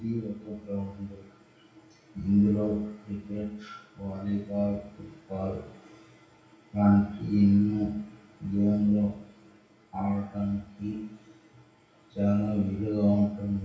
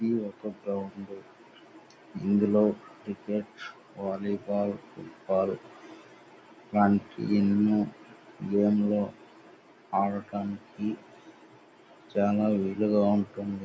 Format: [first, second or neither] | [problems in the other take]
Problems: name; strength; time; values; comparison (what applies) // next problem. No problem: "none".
second | room echo; dies away in 0.6 s